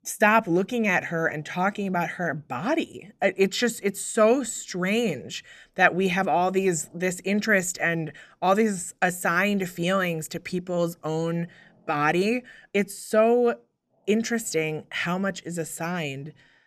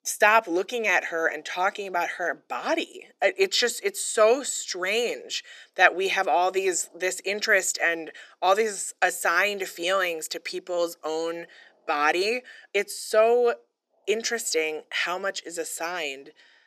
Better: first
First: none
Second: thin; very; fading below 350 Hz

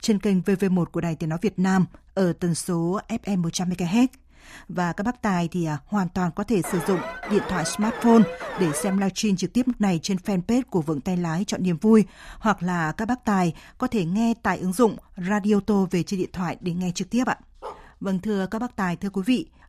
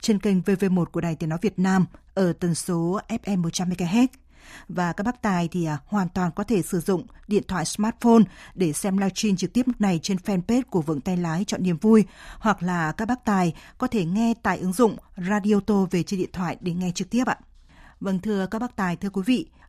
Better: second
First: alarm; noticeable; from 6.5 to 9 s; peak 7 dB below the speech // dog barking; faint; at 18 s; peak 15 dB below the speech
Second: none

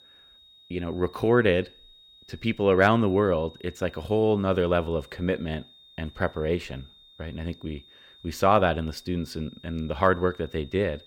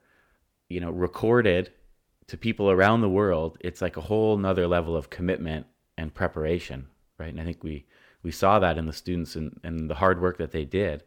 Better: second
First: high-pitched whine; faint; throughout; 3.5 kHz, 25 dB below the speech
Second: none

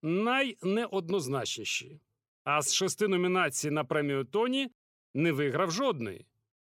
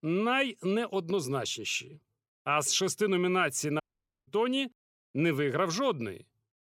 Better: first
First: none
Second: audio cutting out; at 4 s

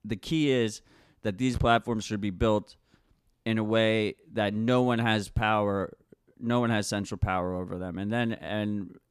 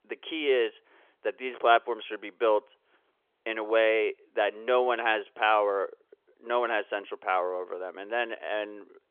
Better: first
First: none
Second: phone-call audio; nothing above 3.5 kHz

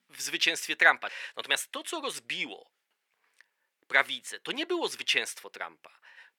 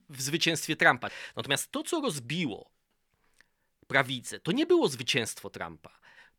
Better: second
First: thin; very; fading below 500 Hz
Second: none

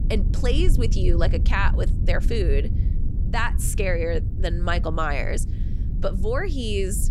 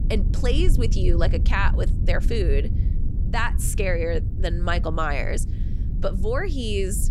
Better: neither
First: low rumble; noticeable; throughout; 15 dB below the speech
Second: low rumble; noticeable; throughout; 15 dB below the speech

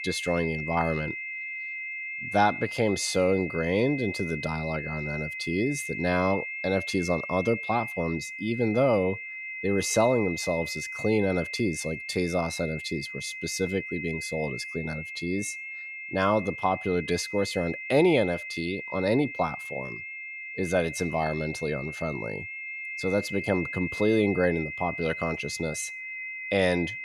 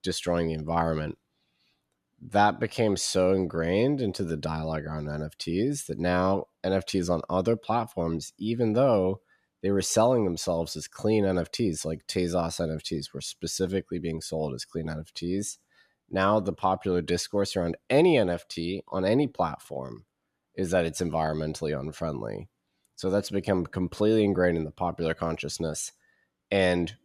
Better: second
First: high-pitched whine; loud; throughout; 2 kHz, 6 dB below the speech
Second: none

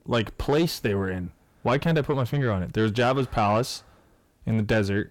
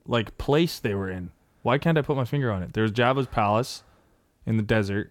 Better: second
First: distortion; slight; 10 dB below the speech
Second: none

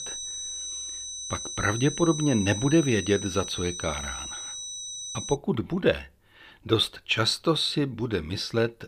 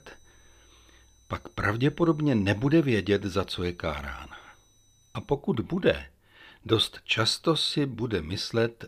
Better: second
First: high-pitched whine; loud; until 5.5 s; 6 kHz, 7 dB below the speech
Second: high-pitched whine; faint; until 5.5 s; 6 kHz, 35 dB below the speech

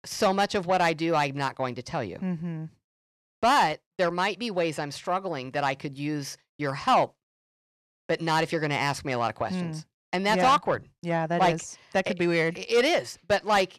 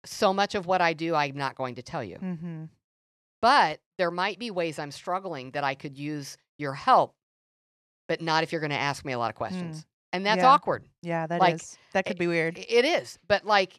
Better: second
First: distortion; slight; 10 dB below the speech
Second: none

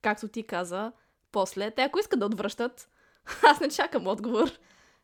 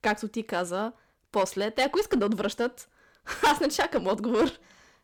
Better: first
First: none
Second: distortion; heavy; 5% of the sound clipped

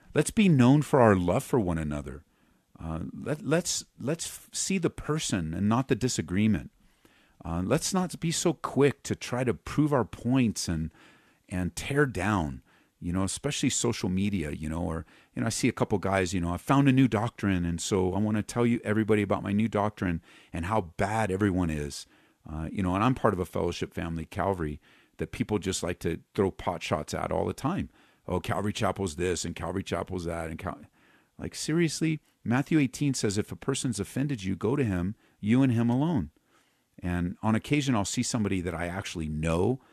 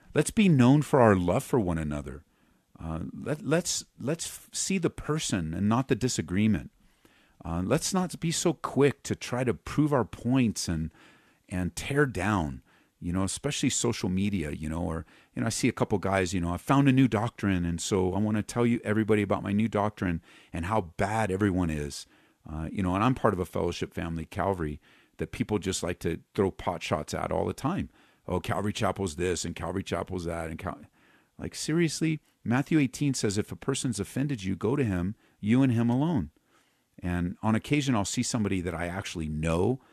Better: neither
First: none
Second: none

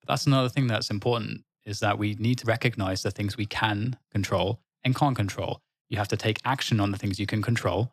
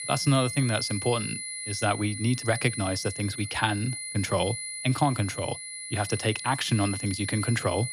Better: first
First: none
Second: high-pitched whine; loud; throughout; 10 kHz, 6 dB below the speech

